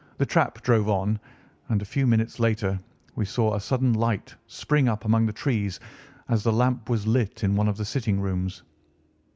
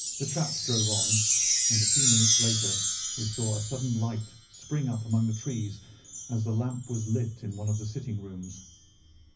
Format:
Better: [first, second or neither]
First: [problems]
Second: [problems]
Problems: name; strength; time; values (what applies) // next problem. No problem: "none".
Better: first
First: none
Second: background sound (Chime); 1 dB above the speech // room echo; dies away in 0.4 s